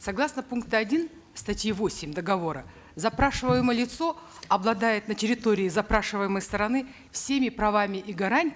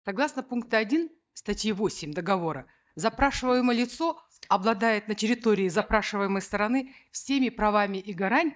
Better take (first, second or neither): first